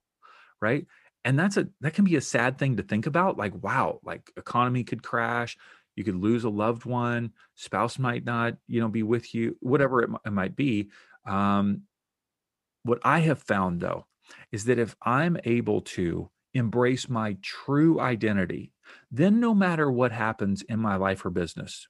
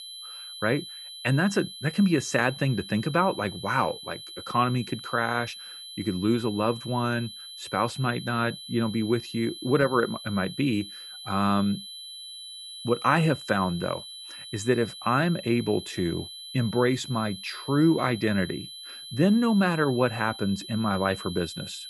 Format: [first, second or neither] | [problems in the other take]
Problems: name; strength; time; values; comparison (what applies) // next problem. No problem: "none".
first | high-pitched whine; noticeable; throughout; 4 kHz, 10 dB below the speech